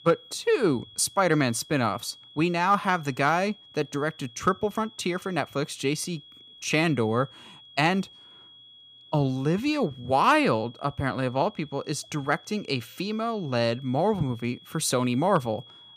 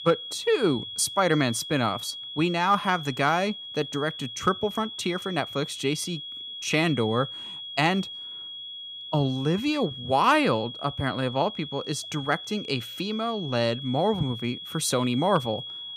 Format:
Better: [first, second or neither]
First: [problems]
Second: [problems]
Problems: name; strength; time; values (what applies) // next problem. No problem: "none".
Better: first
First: high-pitched whine; faint; throughout; 3.5 kHz, 20 dB below the speech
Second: high-pitched whine; loud; throughout; 3.5 kHz, 9 dB below the speech